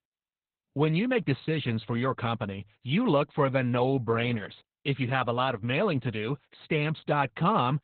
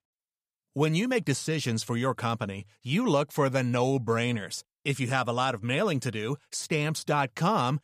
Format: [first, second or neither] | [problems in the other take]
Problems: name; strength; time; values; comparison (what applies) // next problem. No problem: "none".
second | garbled, watery; badly; nothing above 4 kHz